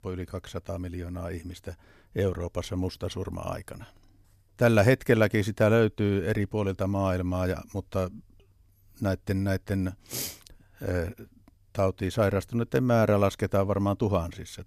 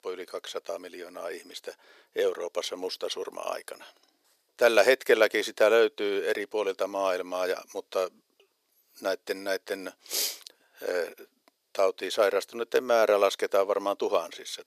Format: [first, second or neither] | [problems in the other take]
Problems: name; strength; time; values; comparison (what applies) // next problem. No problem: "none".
first | thin; very; fading below 400 Hz